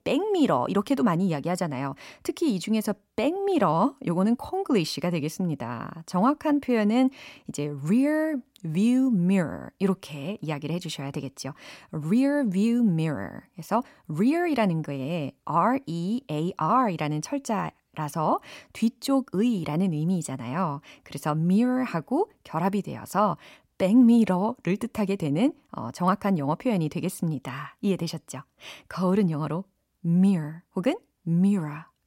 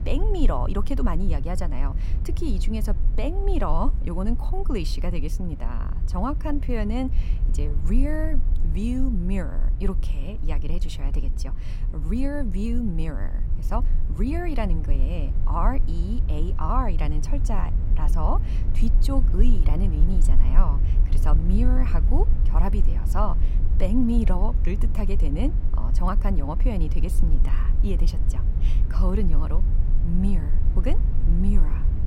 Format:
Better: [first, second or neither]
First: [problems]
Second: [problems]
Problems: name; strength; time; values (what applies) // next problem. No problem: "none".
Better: first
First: none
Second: low rumble; noticeable; throughout; 10 dB below the speech